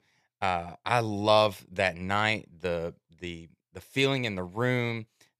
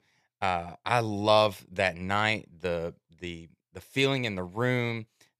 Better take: neither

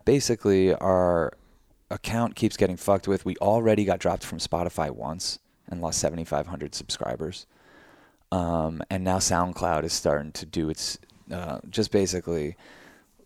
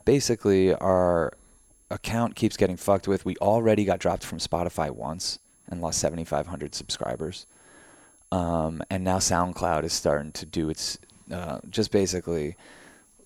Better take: first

